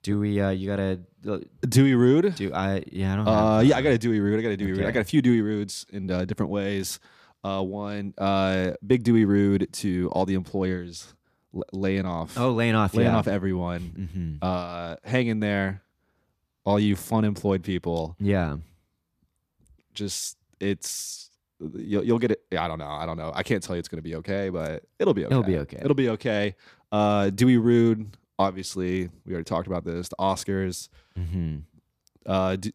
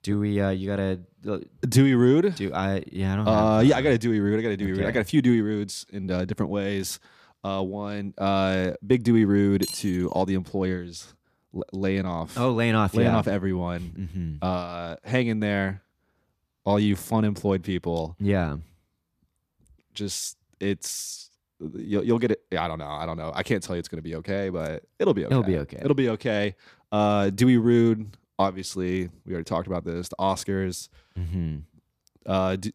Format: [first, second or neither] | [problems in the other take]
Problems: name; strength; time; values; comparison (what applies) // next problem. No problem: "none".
first | clattering dishes; noticeable; at 9.5 s; peak 9 dB below the speech